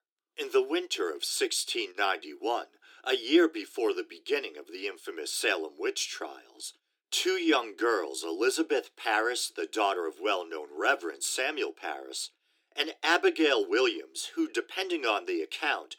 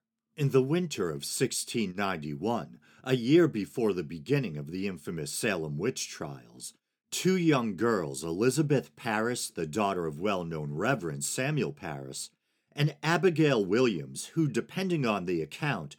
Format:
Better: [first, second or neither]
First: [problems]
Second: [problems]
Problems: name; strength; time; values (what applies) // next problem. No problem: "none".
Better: second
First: thin; very; fading below 300 Hz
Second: none